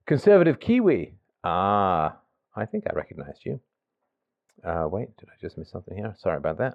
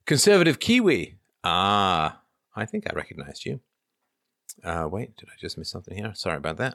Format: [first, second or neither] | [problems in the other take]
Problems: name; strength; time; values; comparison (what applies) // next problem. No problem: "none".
second | muffled; very; fading above 3.5 kHz